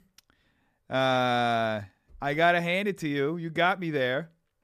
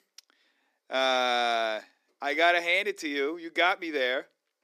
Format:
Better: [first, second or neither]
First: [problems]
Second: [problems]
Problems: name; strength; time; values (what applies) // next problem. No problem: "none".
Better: first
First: none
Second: thin; somewhat; fading below 300 Hz